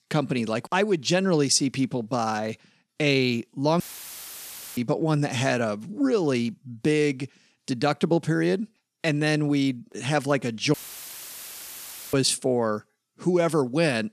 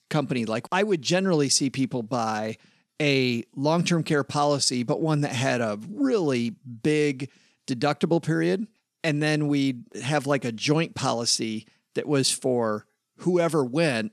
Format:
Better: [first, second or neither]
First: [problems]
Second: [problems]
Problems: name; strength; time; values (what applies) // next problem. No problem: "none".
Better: second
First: audio cutting out; filled with static; at 4 s for 1 s and at 11 s for 1.5 s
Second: none